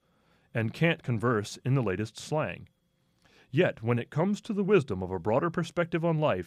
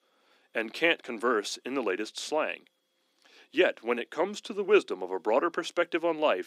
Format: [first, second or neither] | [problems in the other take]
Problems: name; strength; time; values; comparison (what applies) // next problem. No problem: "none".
first | thin; somewhat; fading below 250 Hz